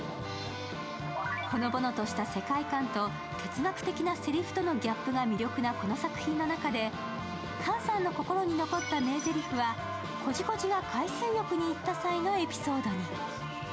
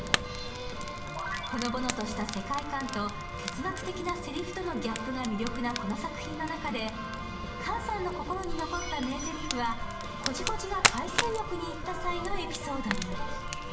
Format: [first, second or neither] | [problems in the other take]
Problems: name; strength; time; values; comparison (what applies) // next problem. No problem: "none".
first | background sound (Fire); 2 dB below the speech // room echo; dies away in 0.6 s